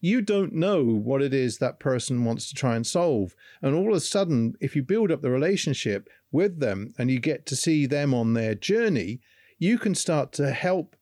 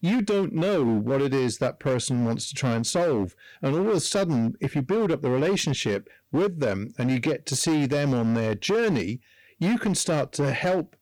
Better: first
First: none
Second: distortion; slight; 16% of the sound clipped

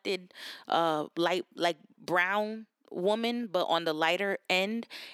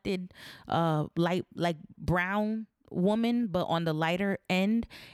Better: second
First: thin; somewhat; fading below 300 Hz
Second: none

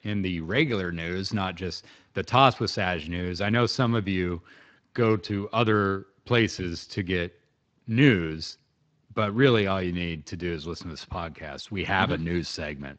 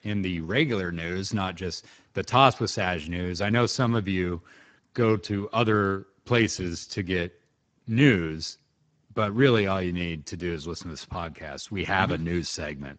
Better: first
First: garbled, watery; slightly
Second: garbled, watery; badly; nothing above 7.5 kHz

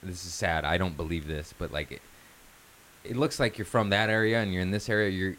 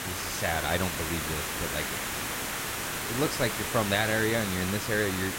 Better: first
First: hiss; faint; throughout; 25 dB below the speech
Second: hiss; loud; throughout; 1 dB below the speech

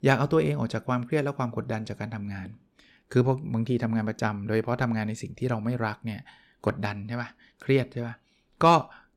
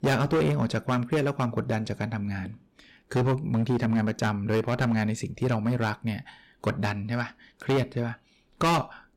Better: first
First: none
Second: distortion; heavy; 9% of the sound clipped

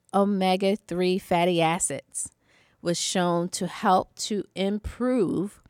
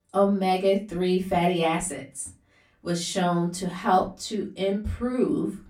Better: first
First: none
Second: off-mic speech; far // room echo; very slight; dies away in 0.3 s

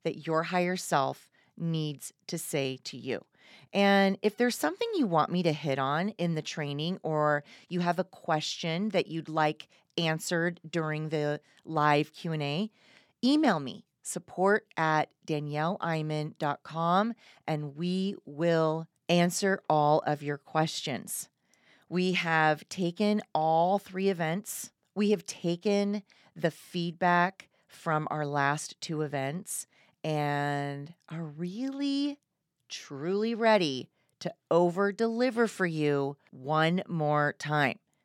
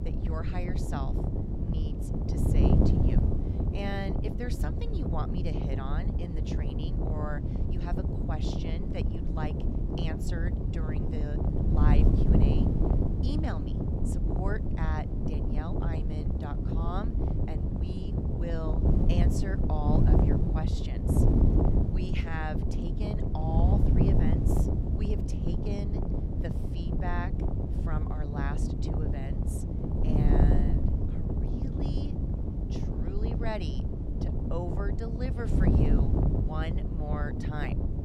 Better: first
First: none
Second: wind noise on the microphone; heavy; 2 dB above the speech

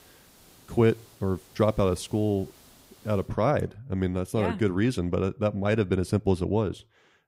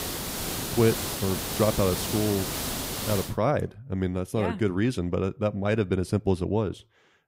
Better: first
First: hiss; faint; until 3.5 s; 25 dB below the speech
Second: hiss; loud; until 3.5 s; 3 dB below the speech

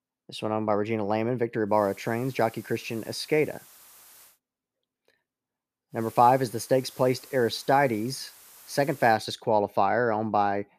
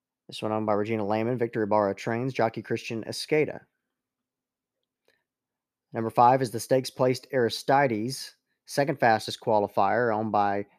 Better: second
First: hiss; faint; from 1.5 to 4.5 s and from 6 to 9 s; 25 dB below the speech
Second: none

